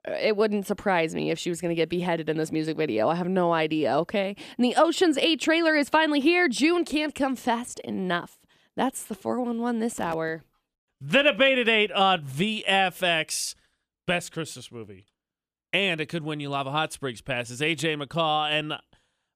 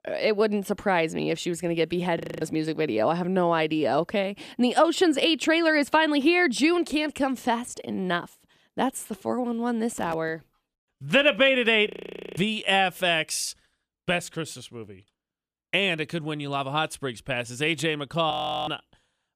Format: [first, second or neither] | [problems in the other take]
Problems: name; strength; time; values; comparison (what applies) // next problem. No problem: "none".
first | audio freezing; at 2 s, at 12 s and at 18 s